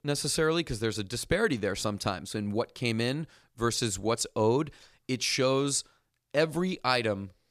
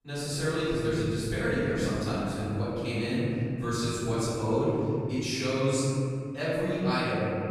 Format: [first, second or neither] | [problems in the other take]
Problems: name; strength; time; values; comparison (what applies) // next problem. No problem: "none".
first | off-mic speech; far // room echo; strong; dies away in 3 s